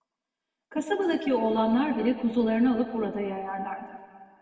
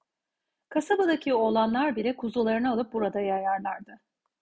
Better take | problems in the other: second | room echo; dies away in 1.9 s

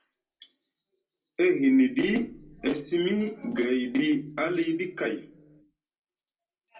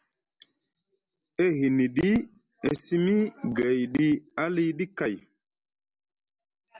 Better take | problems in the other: second | room echo; dies away in 0.2 s

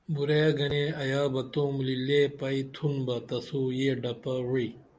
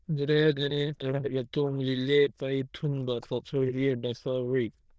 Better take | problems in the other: first | noise reduction (neural diffusion model UNIVERSE++)

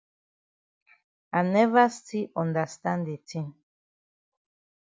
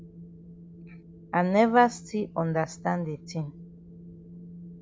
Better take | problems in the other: first | background sound (Wind); 18 dB below the speech

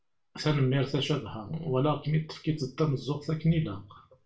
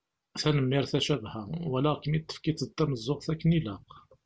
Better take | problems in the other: second | room echo; dies away in 0.3 s

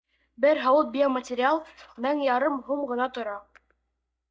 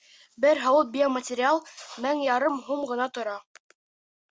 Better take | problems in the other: second | noise reduction (neural mask model DeepFilterNet 3)

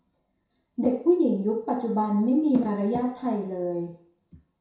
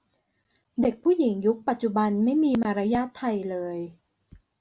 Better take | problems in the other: second | room echo; dies away in 0.6 s

